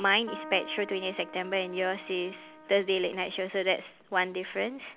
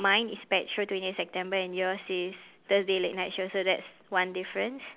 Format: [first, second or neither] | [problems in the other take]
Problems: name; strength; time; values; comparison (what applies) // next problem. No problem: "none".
second | background sound (Keyboard (musical)); 16 dB below the speech